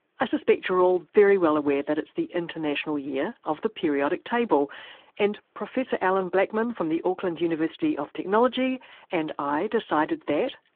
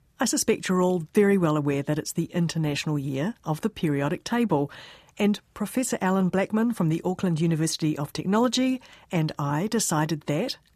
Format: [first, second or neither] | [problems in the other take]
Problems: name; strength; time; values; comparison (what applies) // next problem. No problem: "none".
second | phone-call audio